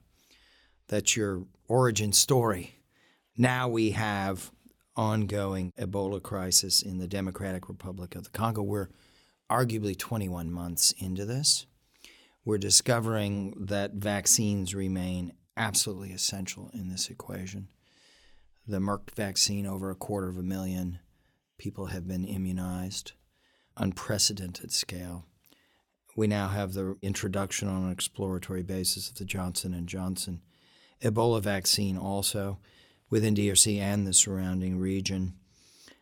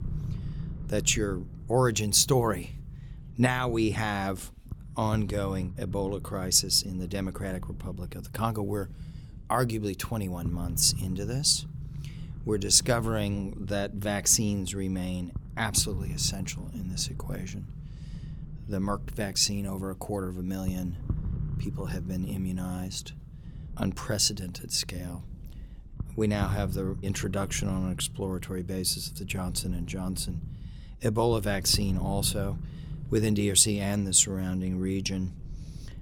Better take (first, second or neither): first